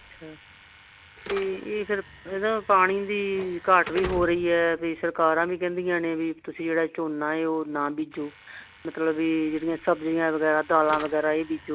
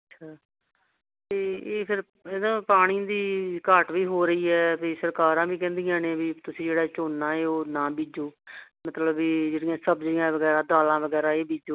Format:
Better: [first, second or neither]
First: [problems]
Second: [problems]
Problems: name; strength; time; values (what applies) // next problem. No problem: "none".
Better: second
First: background sound (Slam / Alarm); 18 dB below the speech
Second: none